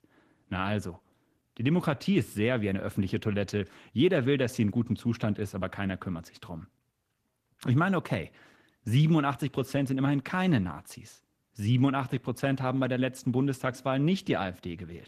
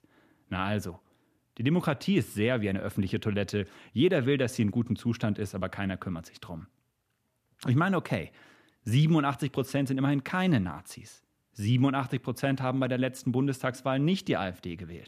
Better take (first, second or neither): second